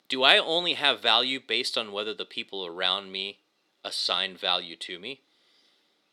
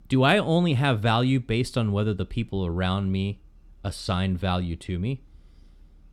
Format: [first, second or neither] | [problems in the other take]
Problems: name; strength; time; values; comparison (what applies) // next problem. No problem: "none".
second | thin; very; fading below 400 Hz